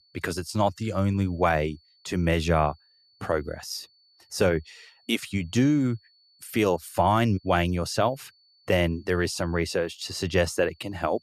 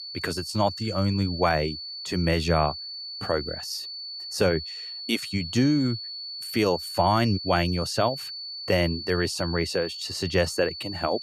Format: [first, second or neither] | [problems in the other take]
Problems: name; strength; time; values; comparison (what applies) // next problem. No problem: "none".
first | high-pitched whine; loud; throughout; 4.5 kHz, 8 dB below the speech; faint in the first